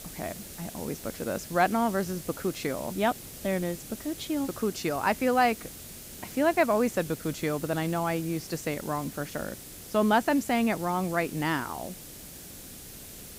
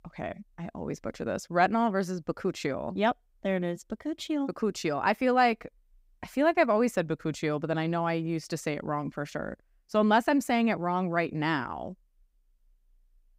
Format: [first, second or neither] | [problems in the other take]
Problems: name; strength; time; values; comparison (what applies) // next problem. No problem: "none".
second | hiss; noticeable; throughout; 15 dB below the speech